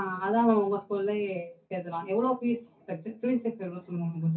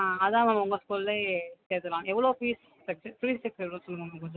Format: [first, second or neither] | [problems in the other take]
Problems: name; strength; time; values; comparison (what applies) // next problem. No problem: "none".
second | room echo; dies away in 0.3 s